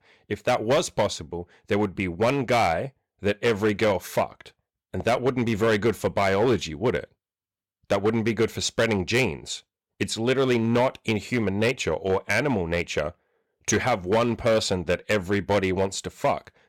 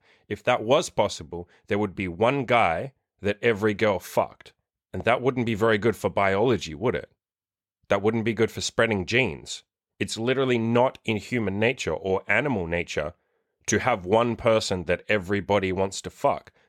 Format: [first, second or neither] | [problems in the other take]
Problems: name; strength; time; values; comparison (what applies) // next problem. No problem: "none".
second | distortion; slight; 6% of the sound clipped